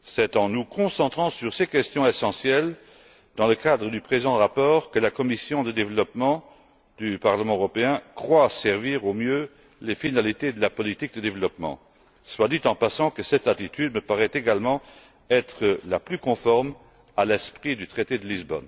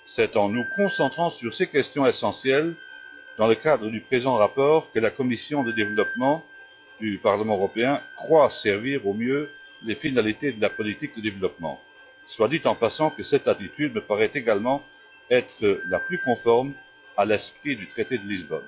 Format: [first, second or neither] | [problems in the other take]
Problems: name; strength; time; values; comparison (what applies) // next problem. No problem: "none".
first | noise reduction (classical method log-MMSE)